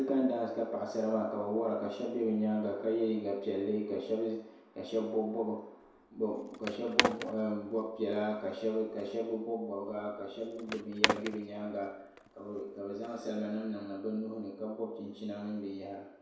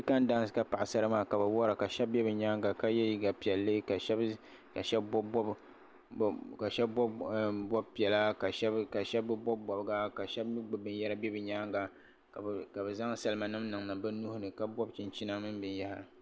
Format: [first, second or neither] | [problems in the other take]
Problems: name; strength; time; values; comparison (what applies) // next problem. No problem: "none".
second | background sound (Skateboard); 4 dB below the speech // room echo; dies away in 0.7 s